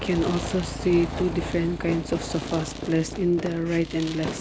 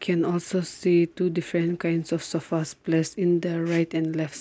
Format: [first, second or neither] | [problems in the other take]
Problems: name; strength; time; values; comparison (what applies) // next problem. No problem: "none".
second | background sound (Fireworks + Motorcycle); 7 dB below the speech